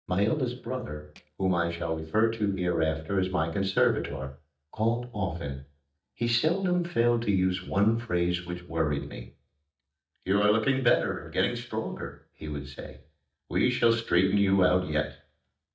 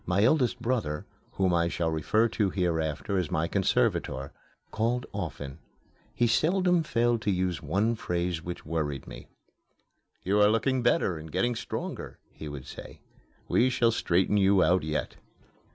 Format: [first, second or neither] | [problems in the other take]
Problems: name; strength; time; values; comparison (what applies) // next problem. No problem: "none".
second | noise reduction (neural mask model DeepFilterNet 3)